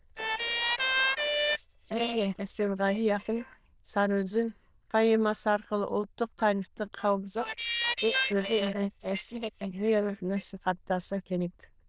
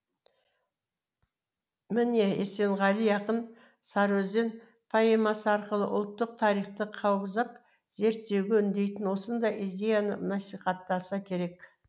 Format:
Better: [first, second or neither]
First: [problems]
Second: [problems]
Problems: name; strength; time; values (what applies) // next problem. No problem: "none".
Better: second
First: noise reduction (neural diffusion model UNIVERSE++)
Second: none